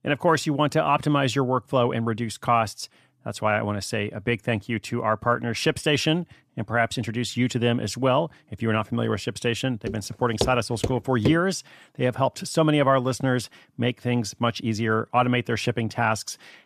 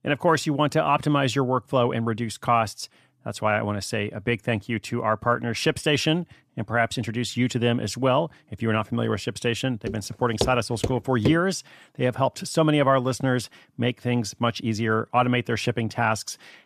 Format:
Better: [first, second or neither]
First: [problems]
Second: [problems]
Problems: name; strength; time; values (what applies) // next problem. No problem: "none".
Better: neither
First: footsteps; noticeable; from 10 to 11 s; peak 5 dB below the speech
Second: footsteps; noticeable; from 10 to 11 s; peak 5 dB below the speech